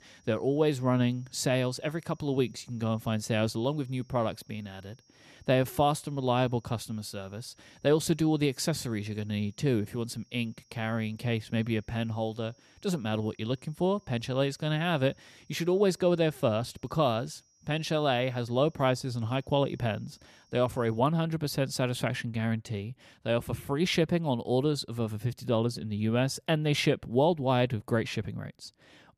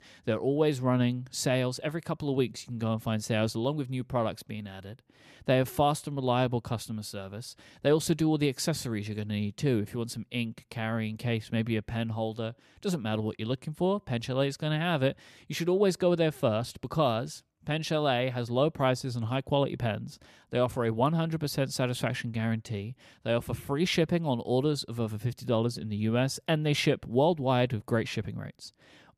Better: second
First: high-pitched whine; faint; until 21 s; 5.5 kHz, 35 dB below the speech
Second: none

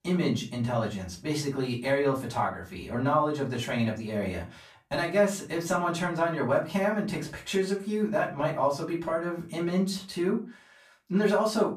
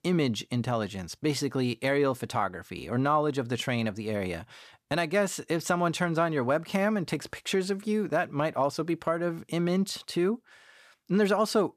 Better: second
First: off-mic speech; far // room echo; slight; dies away in 0.3 s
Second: none

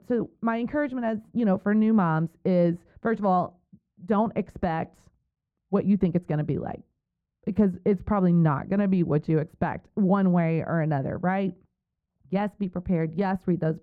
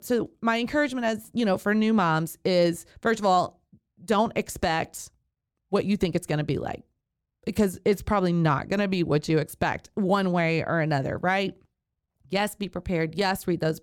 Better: second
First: muffled; very; fading above 3 kHz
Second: none

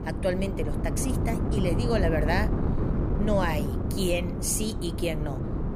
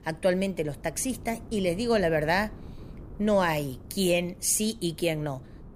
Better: second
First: wind noise on the microphone; heavy; 5 dB below the speech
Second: wind noise on the microphone; occasional gusts; 25 dB below the speech

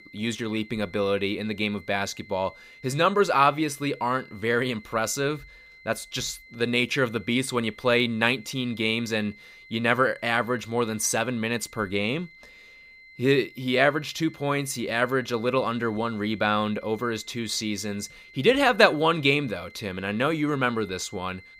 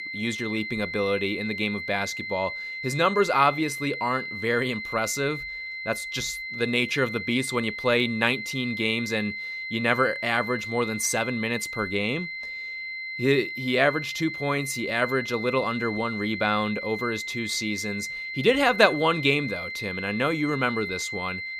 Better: first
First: high-pitched whine; faint; throughout; 2 kHz, 20 dB below the speech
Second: high-pitched whine; loud; throughout; 2 kHz, 6 dB below the speech

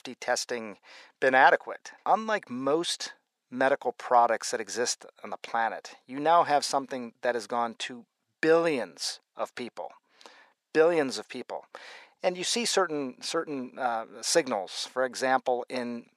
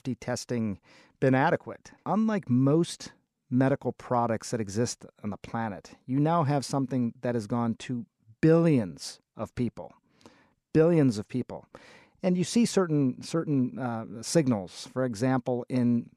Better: second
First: thin; very; fading below 600 Hz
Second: none

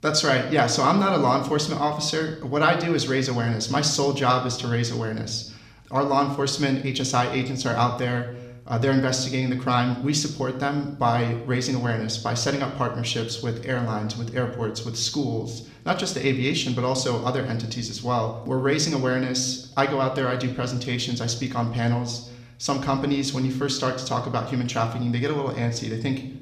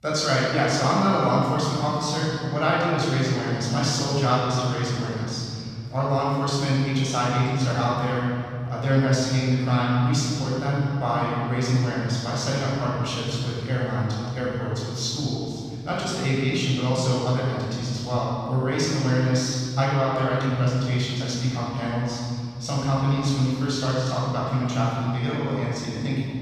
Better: first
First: room echo; slight; dies away in 0.6 s // off-mic speech; somewhat distant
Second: room echo; strong; dies away in 2.5 s // off-mic speech; far

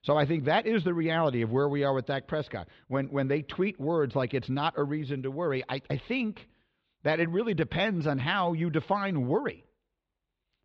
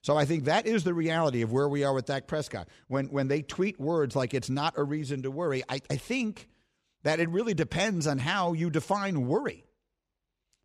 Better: second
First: muffled; slightly; fading above 4 kHz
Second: none

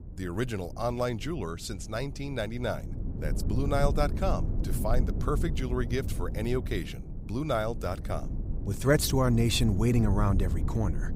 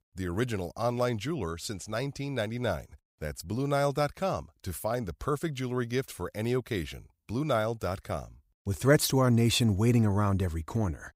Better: second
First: low rumble; noticeable; throughout; 15 dB below the speech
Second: none

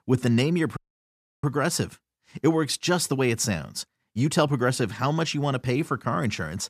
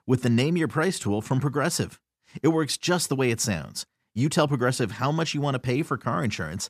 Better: second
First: audio cutting out; at 1 s for 0.5 s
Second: none

